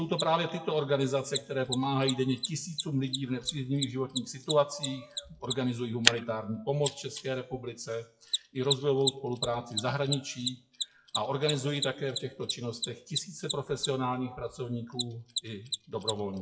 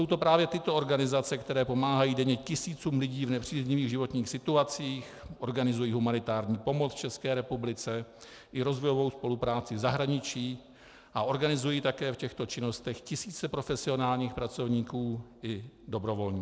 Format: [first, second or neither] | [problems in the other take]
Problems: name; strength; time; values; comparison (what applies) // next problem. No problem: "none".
second | noise reduction (classical method WPE with log-MMSE)